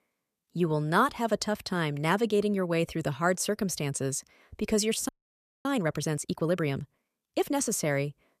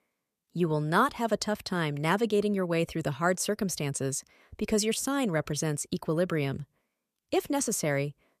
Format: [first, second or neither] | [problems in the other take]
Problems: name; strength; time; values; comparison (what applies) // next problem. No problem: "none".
second | audio freezing; at 5 s for 0.5 s